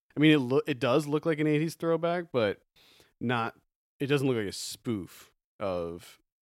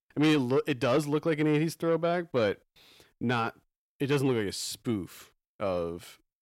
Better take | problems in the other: first | distortion; slight; 10 dB below the speech

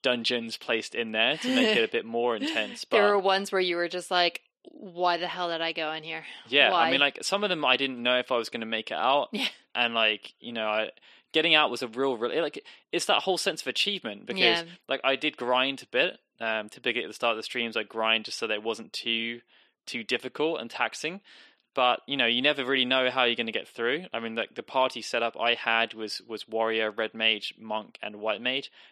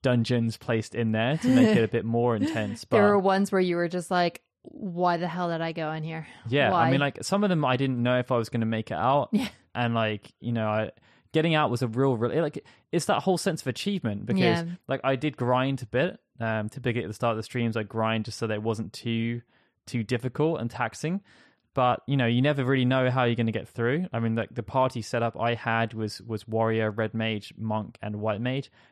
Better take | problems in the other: second | thin; somewhat; fading below 300 Hz

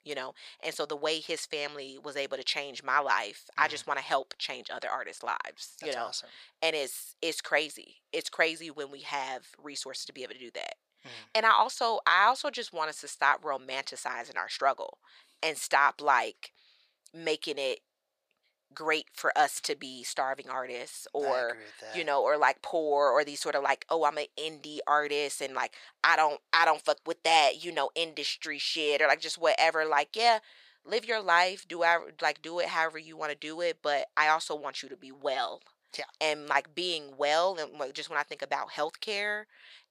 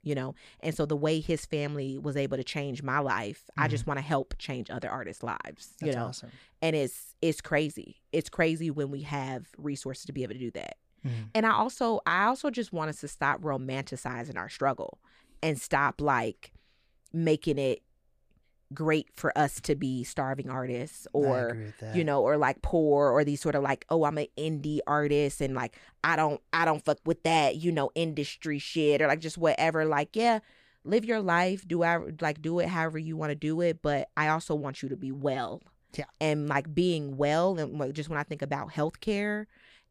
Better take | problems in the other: second | thin; very; fading below 750 Hz

